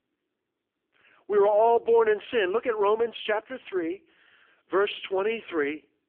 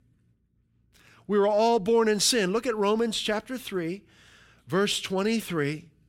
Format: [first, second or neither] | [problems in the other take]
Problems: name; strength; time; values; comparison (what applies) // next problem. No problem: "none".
second | phone-call audio; poor line; nothing above 3.5 kHz